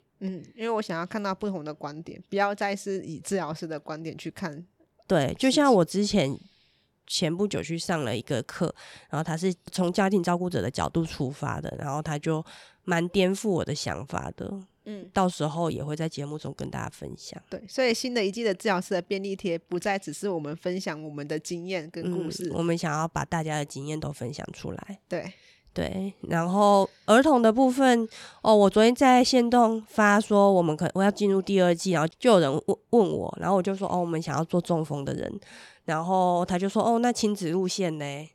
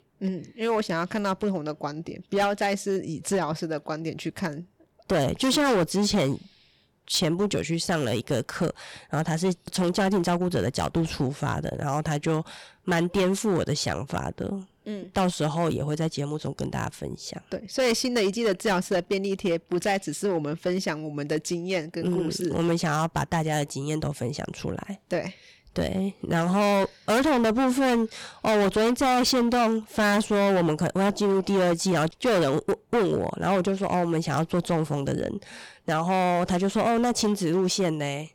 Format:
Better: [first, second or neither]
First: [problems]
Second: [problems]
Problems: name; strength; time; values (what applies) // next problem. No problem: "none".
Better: first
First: none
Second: distortion; heavy; 12% of the sound clipped